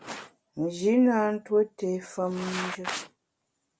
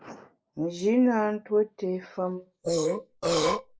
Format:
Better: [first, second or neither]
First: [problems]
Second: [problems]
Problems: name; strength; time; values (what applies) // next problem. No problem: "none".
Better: first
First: none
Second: noise reduction (neural mask model Resemble Enhance denoiser)